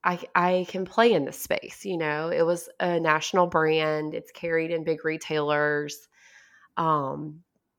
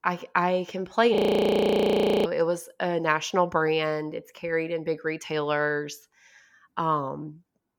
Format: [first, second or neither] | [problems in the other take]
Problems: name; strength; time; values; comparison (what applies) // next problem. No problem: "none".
first | audio freezing; at 1 s for 1 s